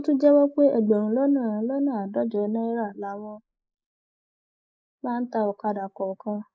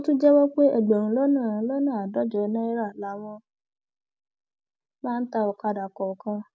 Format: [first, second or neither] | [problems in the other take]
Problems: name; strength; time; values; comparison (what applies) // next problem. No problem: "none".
second | noise reduction (neural mask model Resemble Enhance denoiser)